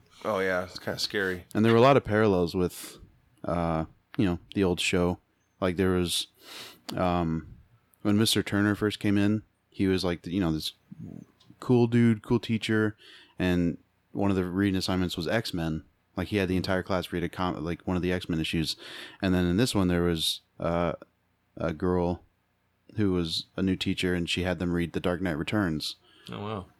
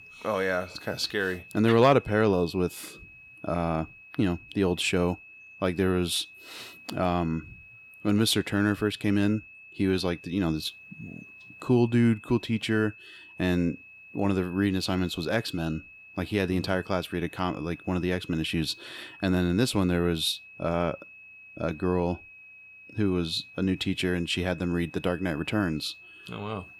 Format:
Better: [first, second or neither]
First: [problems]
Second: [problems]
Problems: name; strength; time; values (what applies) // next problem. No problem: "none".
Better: first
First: none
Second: high-pitched whine; noticeable; throughout; 2.5 kHz, 20 dB below the speech